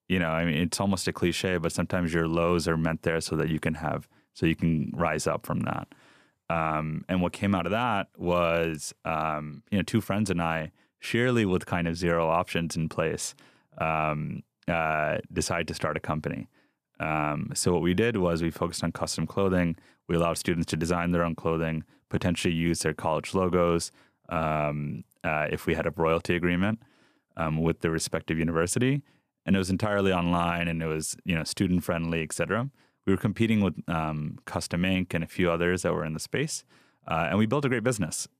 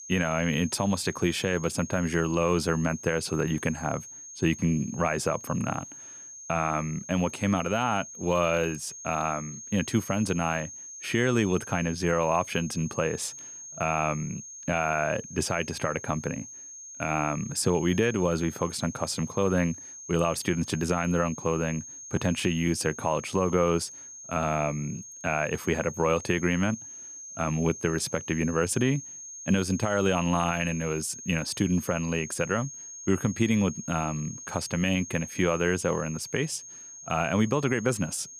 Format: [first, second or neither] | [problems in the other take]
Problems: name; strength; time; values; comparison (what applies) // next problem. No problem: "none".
first | high-pitched whine; noticeable; throughout; 6.5 kHz, 10 dB below the speech